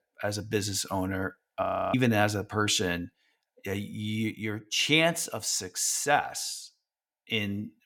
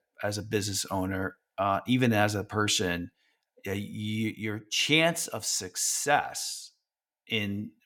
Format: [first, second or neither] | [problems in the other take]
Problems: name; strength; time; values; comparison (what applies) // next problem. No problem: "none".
second | audio freezing; at 1.5 s